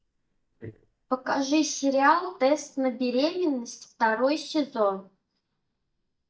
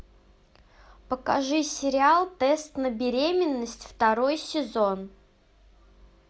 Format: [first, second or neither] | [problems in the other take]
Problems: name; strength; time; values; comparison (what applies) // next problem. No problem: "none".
second | noise reduction (neural mask model DeepFilterNet 3)